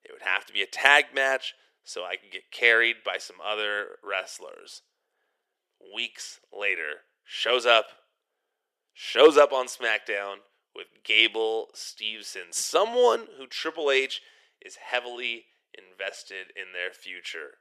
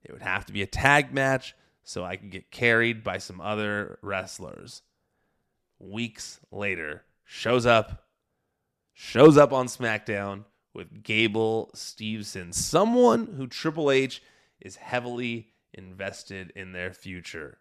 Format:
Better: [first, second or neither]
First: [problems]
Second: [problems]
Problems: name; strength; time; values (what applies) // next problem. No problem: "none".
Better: second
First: thin; very; fading below 400 Hz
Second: none